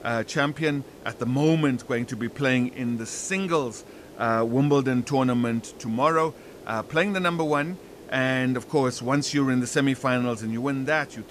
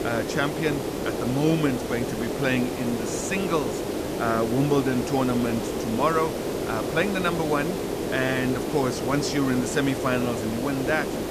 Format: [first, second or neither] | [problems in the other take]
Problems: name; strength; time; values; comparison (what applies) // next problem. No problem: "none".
first | hiss; loud; throughout; 3 dB below the speech; faint in the first